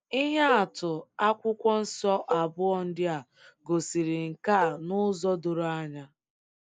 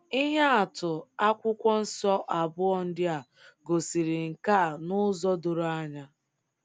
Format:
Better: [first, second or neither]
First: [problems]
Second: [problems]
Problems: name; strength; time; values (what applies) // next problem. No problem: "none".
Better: second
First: noise reduction (neural mask model Resemble Enhance denoiser)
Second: none